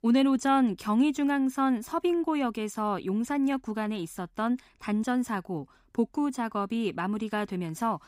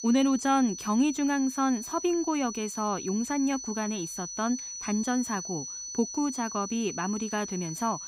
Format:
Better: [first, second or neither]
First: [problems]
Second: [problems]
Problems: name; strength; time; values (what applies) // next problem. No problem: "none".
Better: first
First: none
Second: high-pitched whine; loud; throughout; 6 kHz, 7 dB below the speech